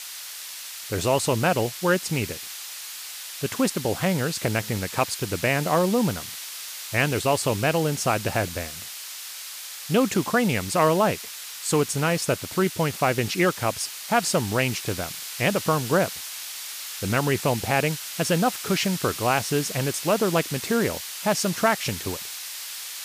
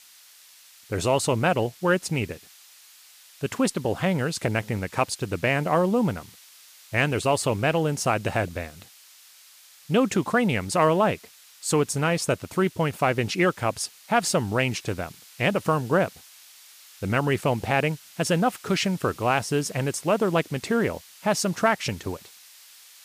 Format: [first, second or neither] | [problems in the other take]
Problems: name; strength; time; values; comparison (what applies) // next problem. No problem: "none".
second | hiss; loud; throughout; 9 dB below the speech; faint in the second